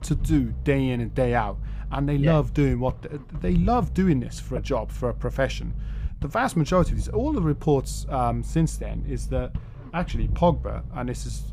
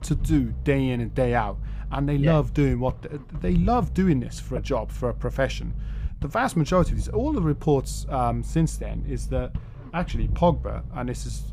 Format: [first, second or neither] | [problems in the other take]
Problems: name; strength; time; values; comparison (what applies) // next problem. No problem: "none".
neither | low rumble; faint; throughout; 20 dB below the speech; the same in both